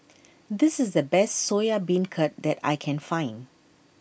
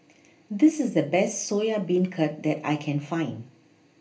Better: first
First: none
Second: room echo; dies away in 0.3 s

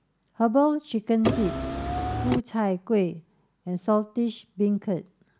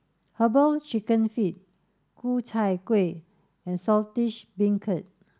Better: second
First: background sound (Car); 1 dB below the speech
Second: none

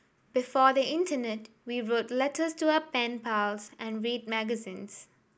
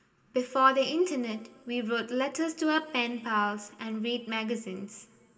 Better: first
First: none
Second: room echo; dies away in 2.9 s

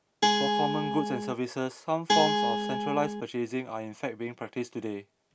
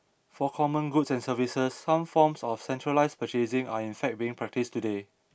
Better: second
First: background sound (Guitar); 5 dB above the speech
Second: none

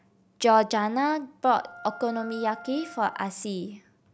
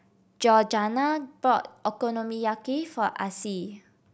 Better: second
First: background sound (Wind instrument, woodwind instrument); 18 dB below the speech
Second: none

